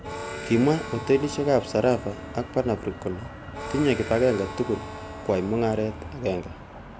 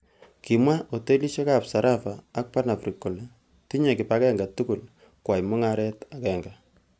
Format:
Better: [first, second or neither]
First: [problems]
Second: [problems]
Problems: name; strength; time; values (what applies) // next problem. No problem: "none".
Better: second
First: background sound (Motor vehicle (road) + Harmonica); 11 dB below the speech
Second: none